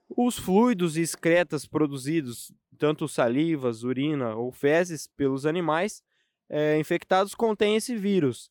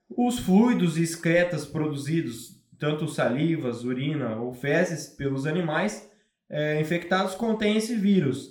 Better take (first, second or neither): first